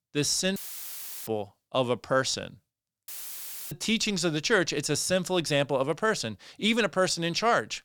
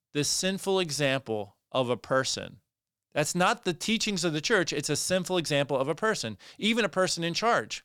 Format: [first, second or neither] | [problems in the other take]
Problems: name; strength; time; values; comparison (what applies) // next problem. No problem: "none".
second | audio cutting out; filled with static; at 0.5 s for 0.5 s and at 3 s for 0.5 s